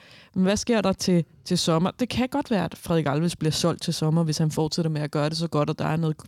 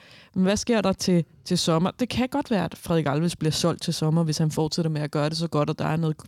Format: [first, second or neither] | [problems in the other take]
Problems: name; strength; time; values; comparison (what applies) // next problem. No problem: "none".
neither | none